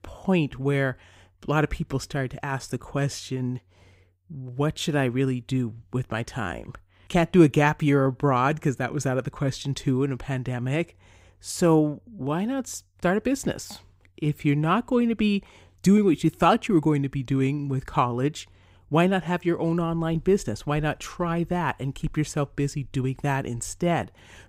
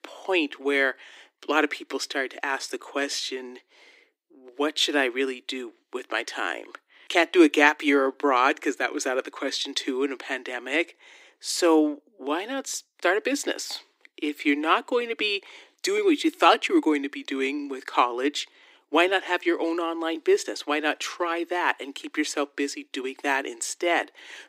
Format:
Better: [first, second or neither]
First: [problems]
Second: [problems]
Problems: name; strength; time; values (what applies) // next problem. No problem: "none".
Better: first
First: none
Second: thin; somewhat; fading below 300 Hz